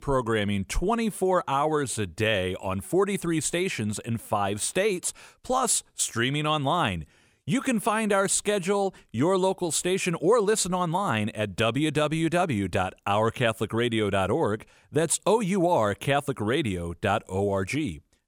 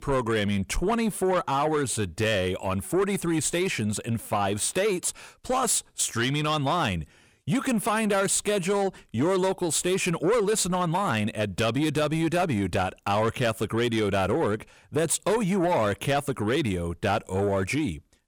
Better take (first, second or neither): first